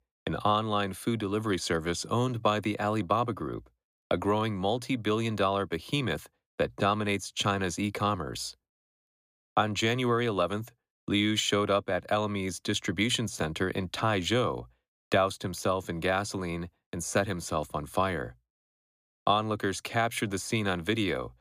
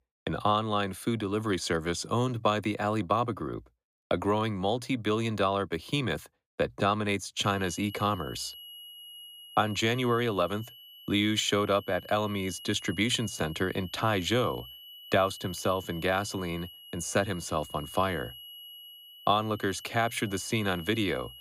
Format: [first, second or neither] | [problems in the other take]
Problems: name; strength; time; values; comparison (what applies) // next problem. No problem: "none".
first | high-pitched whine; noticeable; from 7.5 s on; 3 kHz, 15 dB below the speech